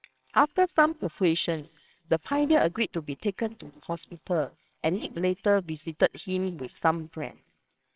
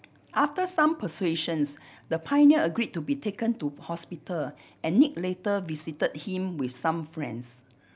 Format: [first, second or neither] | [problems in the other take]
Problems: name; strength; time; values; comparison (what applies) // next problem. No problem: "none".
second | noise reduction (neural separator model SepFormer WHAMR!)